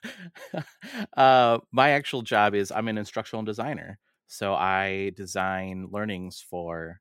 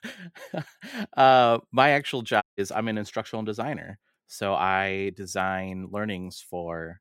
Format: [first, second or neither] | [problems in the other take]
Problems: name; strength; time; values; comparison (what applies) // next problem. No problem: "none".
first | audio cutting out; at 2.5 s